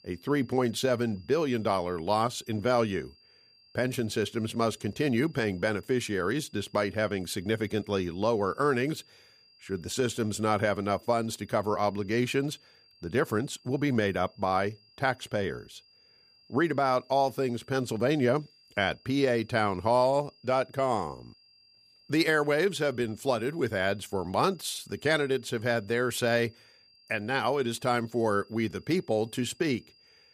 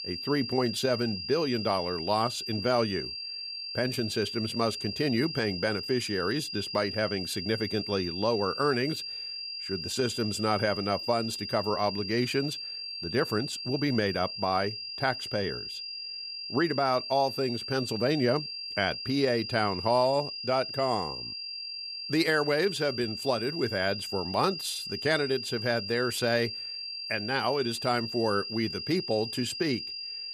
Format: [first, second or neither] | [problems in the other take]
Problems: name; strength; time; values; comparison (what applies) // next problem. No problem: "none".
first | high-pitched whine; loud; throughout; 5 kHz, 5 dB below the speech; faint in the first